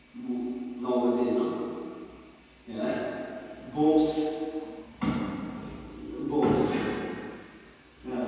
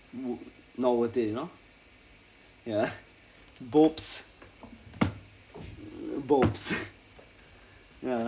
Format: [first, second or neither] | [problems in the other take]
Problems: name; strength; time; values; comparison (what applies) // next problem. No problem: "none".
second | room echo; dies away in 2.1 s